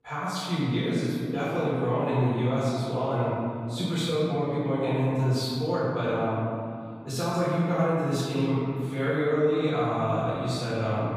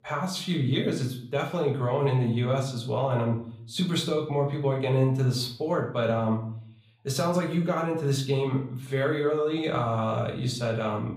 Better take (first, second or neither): second